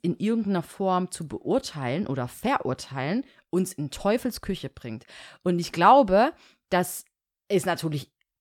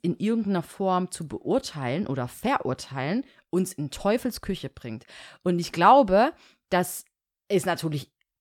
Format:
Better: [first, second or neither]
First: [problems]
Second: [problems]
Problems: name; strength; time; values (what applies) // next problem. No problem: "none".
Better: neither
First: none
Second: none